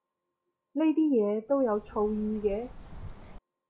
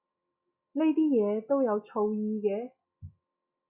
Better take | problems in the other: second | background sound (Bird); 15 dB below the speech

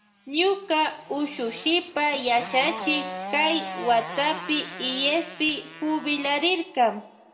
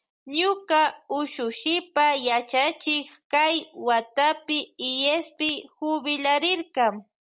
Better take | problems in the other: second | background sound (Motorcycle); 13 dB below the speech // room echo; dies away in 1 s

